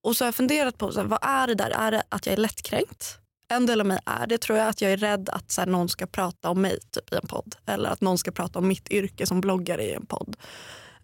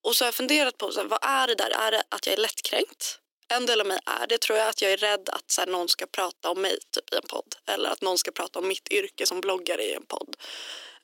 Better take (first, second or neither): first